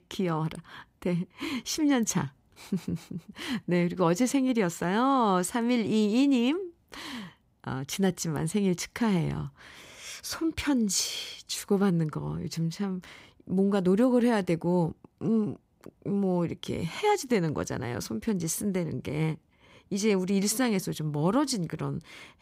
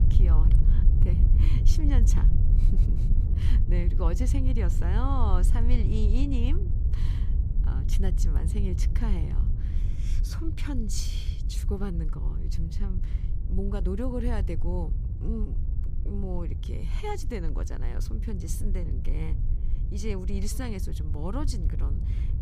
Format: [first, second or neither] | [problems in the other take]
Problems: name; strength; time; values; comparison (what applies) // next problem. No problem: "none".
first | wind noise on the microphone; heavy; 6 dB below the speech